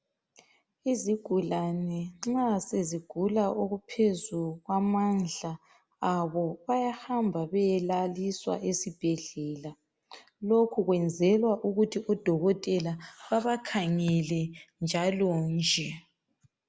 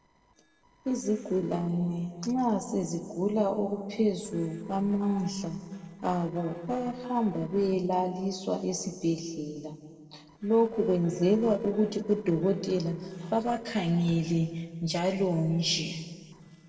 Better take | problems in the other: first | noise reduction (neural separator model SepFormer DNS4)

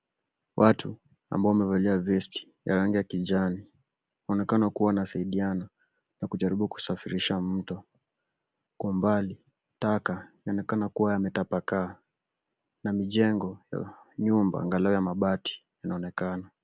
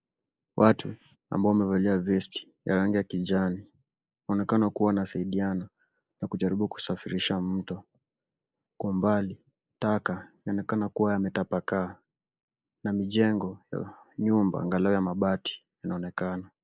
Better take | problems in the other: first | noise reduction (neural mask model Resemble Enhance denoiser)

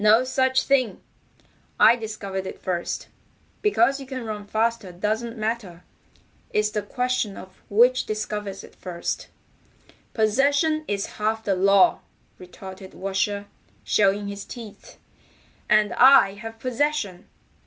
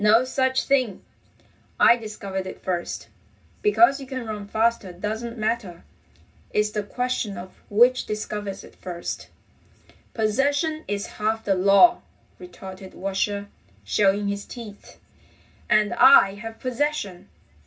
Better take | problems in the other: first | room echo; dies away in 0.4 s

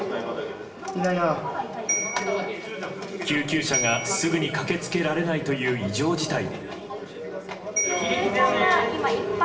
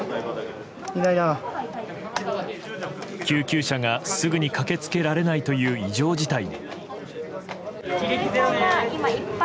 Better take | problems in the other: second | background sound (Bell); 7 dB below the speech // room echo; dies away in 0.8 s

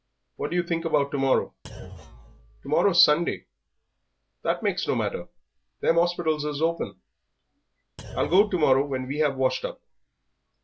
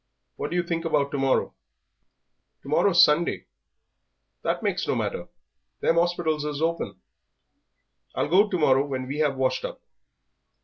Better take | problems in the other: second | background sound (Thump, thud); 17 dB below the speech

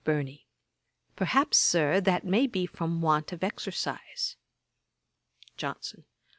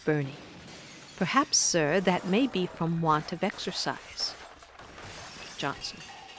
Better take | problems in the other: first | background sound (Shatter); 16 dB below the speech

